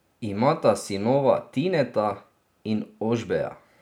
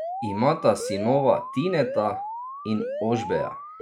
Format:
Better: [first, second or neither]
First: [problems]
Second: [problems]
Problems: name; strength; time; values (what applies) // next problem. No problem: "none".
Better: first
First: none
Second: noise reduction (classical method log-MMSE)